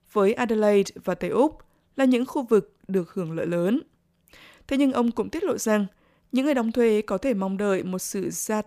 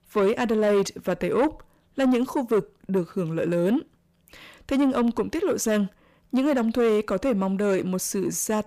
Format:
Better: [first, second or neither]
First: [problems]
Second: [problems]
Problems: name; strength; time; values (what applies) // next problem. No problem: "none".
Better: first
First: none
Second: distortion; slight; 10 dB below the speech